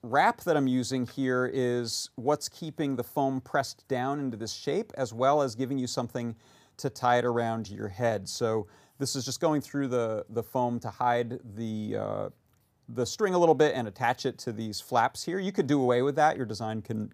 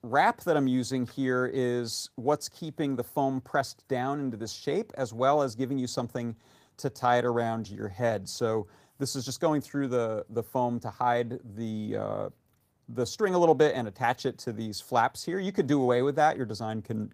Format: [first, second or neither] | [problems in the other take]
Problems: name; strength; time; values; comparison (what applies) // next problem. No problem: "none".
first | garbled, watery; slightly; nothing above 15 kHz